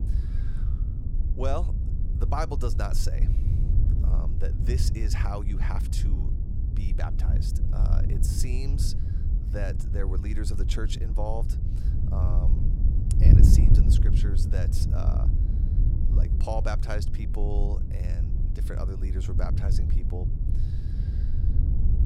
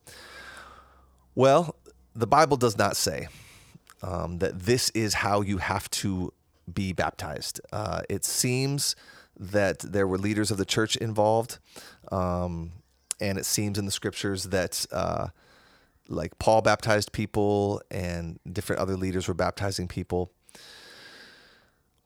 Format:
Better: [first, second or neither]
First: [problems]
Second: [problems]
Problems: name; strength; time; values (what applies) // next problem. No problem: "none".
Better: second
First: wind noise on the microphone; heavy; 4 dB below the speech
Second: none